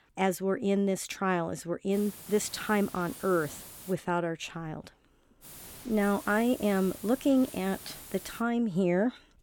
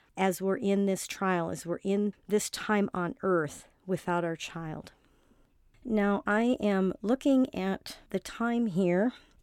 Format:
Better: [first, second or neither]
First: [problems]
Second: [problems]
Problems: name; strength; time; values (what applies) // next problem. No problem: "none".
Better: second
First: hiss; noticeable; from 2 to 4 s and from 5.5 to 8.5 s; 15 dB below the speech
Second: none